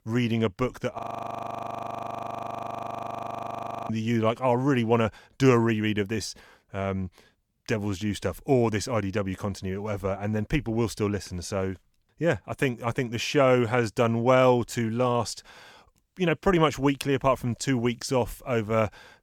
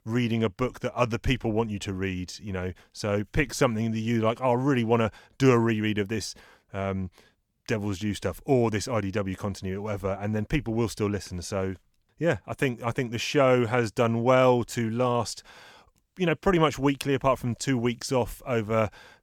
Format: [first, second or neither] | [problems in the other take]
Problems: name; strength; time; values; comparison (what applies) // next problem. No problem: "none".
second | audio freezing; at 1 s for 3 s